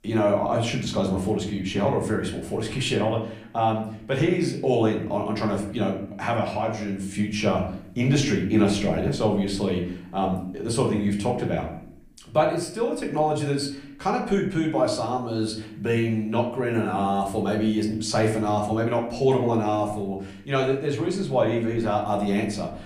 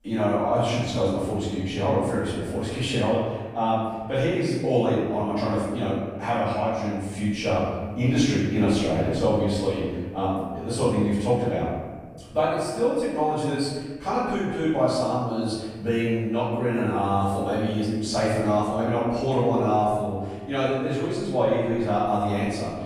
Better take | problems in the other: first | room echo; strong; dies away in 1.3 s; slight in the first // off-mic speech; far; somewhat distant in the first

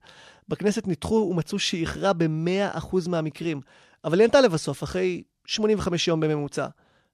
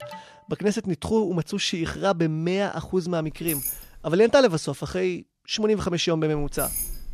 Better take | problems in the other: first | alarm; faint; at the start; peak 15 dB below the speech // jangling keys; noticeable; at 3.5 s and at 6.5 s; peak 3 dB below the speech

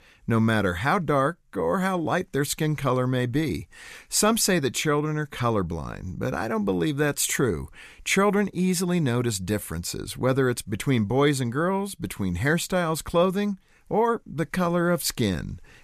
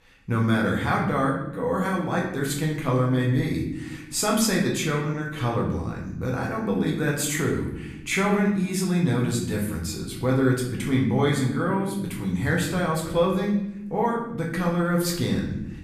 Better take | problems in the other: first | room echo; noticeable; dies away in 0.9 s // off-mic speech; far

